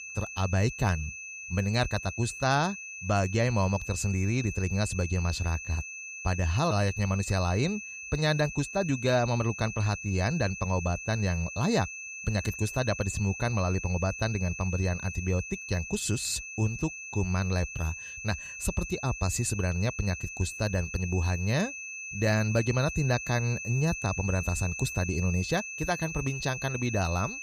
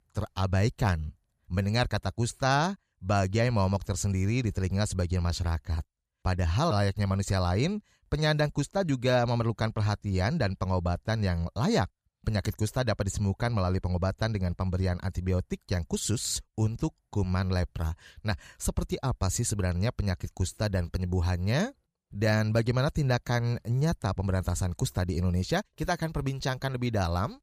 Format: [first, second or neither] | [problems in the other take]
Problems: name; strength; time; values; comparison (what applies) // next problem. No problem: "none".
second | high-pitched whine; loud; throughout; 2.5 kHz, 8 dB below the speech